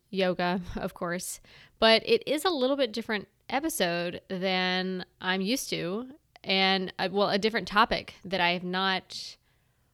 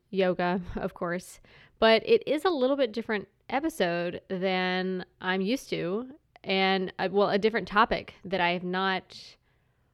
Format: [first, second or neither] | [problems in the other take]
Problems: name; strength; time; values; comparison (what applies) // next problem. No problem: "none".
first | muffled; slightly; fading above 3.5 kHz